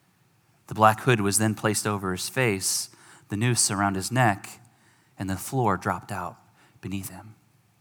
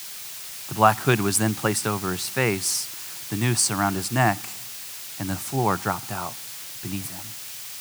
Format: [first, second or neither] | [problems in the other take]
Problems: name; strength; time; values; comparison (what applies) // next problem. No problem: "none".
first | hiss; loud; throughout; 9 dB below the speech